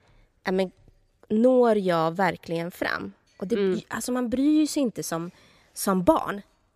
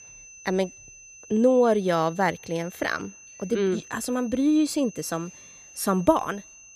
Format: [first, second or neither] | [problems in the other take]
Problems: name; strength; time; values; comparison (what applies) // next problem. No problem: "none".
first | high-pitched whine; noticeable; throughout; 6 kHz, 20 dB below the speech